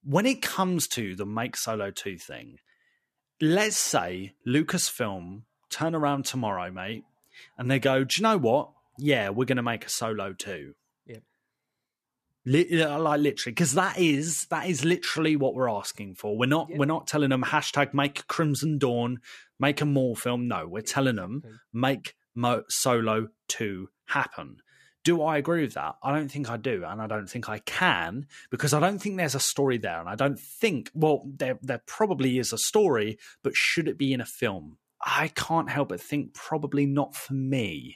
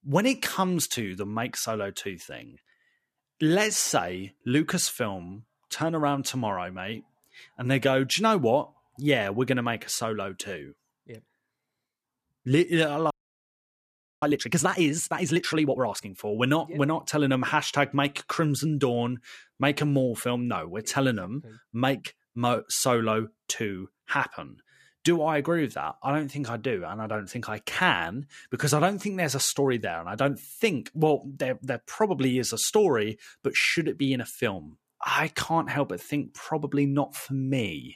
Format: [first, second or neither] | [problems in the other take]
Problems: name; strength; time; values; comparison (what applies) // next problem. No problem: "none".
first | audio freezing; at 13 s for 1 s